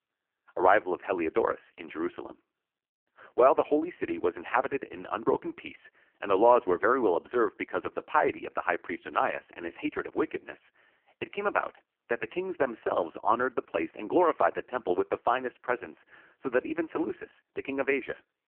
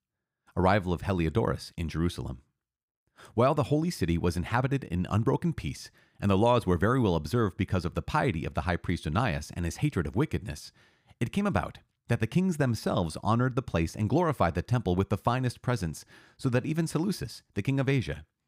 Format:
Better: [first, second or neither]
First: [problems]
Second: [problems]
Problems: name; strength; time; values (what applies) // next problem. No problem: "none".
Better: second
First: phone-call audio; poor line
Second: none